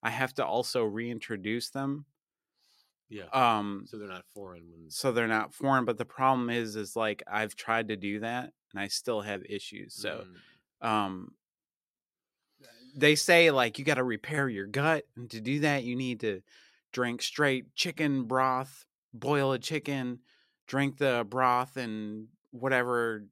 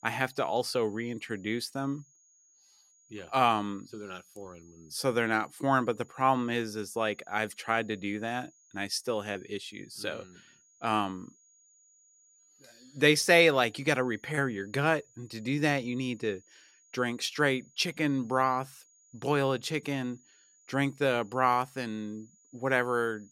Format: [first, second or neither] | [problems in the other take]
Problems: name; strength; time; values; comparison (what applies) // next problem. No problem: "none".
first | high-pitched whine; faint; throughout; 7 kHz, 30 dB below the speech